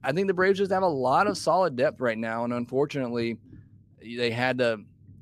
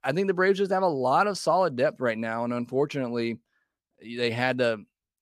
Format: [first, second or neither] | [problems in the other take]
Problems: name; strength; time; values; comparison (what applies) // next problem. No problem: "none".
second | low rumble; faint; throughout; 25 dB below the speech